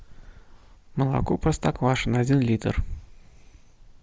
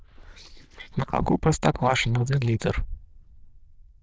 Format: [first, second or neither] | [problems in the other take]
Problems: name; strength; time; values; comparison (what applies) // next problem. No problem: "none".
first | noise reduction (neural diffusion model UNIVERSE++)